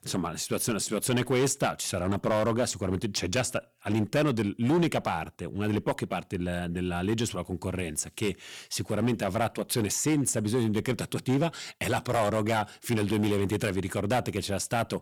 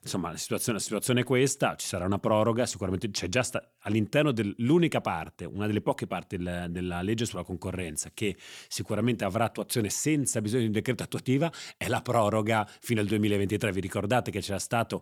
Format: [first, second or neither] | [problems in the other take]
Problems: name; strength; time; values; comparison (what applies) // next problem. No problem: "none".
second | distortion; slight; 7% of the sound clipped